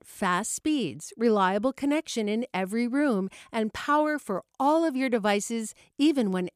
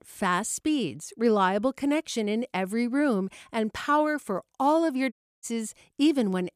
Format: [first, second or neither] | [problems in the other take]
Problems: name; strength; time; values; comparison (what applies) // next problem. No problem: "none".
first | audio cutting out; at 5 s